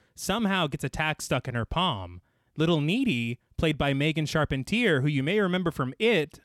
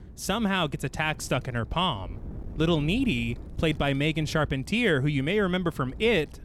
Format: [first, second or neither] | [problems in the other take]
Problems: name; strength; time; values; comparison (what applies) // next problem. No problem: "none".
first | wind noise on the microphone; occasional gusts; 25 dB below the speech